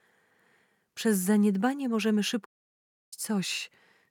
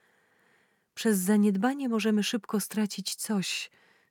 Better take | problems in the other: second | audio cutting out; at 2.5 s for 0.5 s

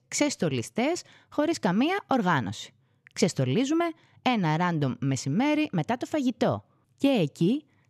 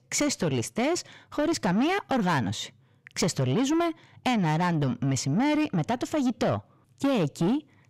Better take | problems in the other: first | distortion; slight; 10 dB below the speech

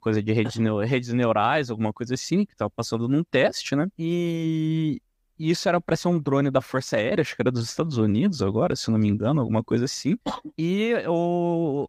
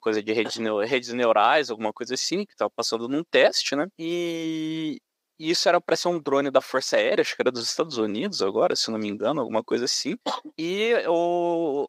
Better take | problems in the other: first | thin; somewhat; fading below 450 Hz

